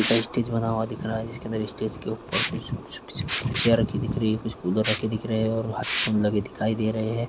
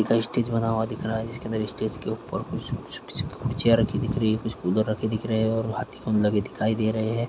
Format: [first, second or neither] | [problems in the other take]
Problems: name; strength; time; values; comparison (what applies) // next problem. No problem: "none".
second | background sound (Liquid); 10 dB below the speech